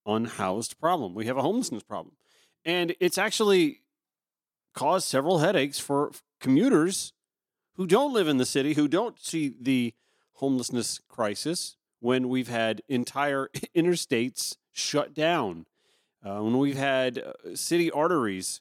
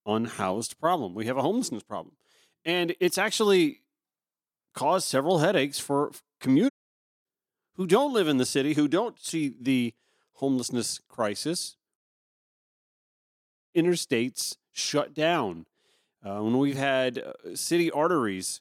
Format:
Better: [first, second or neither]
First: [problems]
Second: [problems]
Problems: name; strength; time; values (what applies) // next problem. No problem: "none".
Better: first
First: none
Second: audio cutting out; at 6.5 s for 0.5 s and at 12 s for 1.5 s